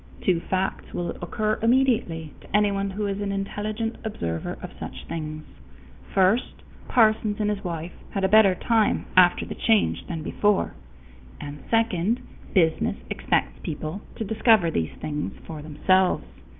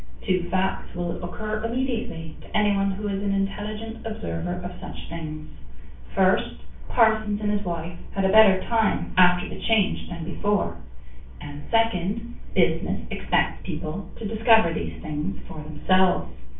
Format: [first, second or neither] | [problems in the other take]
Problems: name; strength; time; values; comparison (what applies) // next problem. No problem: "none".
first | room echo; dies away in 0.3 s